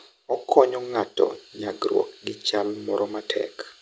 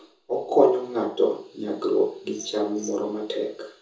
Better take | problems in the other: first | background sound (Glass); 18 dB below the speech // room echo; dies away in 0.6 s

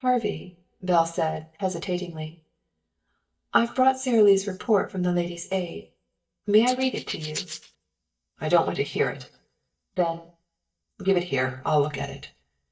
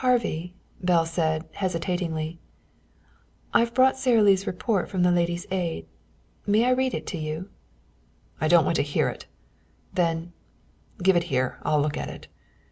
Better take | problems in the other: second | noise reduction (neural mask model DeepFilterNet 3)

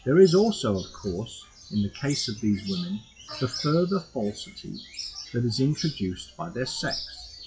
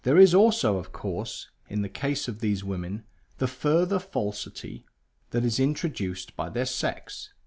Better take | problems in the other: second | noise reduction (classical method WPE with log-MMSE)

